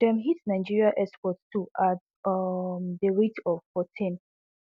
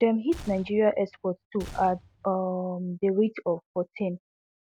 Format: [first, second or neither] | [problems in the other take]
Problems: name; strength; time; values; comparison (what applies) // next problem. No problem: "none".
first | background sound (Gunshot, gunfire); 19 dB below the speech